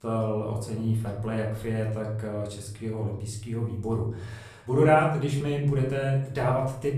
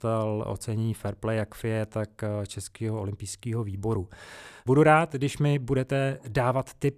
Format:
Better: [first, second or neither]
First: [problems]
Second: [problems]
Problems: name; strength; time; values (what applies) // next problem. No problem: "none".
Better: second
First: room echo; slight; dies away in 0.6 s // off-mic speech; far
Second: none